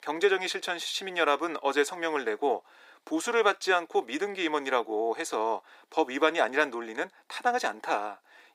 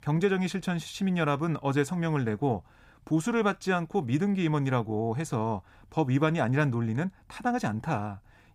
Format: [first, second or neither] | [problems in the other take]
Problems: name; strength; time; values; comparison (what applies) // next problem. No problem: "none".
second | thin; very; fading below 350 Hz